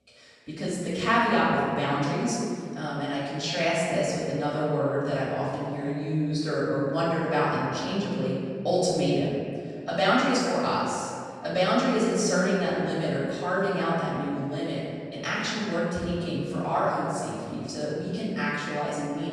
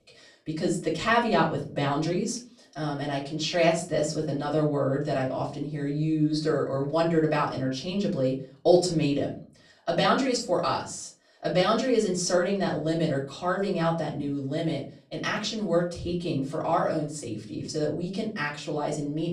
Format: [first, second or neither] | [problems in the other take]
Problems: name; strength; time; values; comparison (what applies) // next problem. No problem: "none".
second | room echo; strong; dies away in 2 s; slight in the second // off-mic speech; far; far in the second